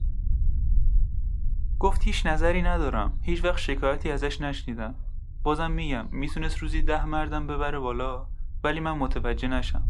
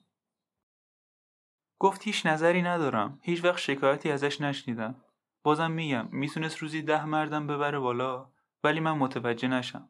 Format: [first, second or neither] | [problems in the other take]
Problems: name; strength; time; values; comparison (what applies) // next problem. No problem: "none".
second | low rumble; faint; throughout; 25 dB below the speech